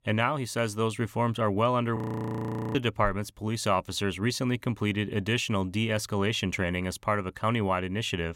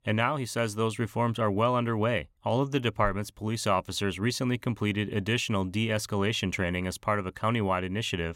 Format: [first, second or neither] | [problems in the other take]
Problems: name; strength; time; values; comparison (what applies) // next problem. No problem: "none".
second | audio freezing; at 2 s for 1 s